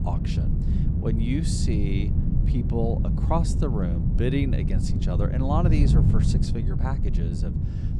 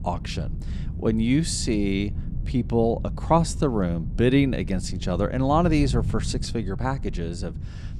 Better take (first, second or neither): second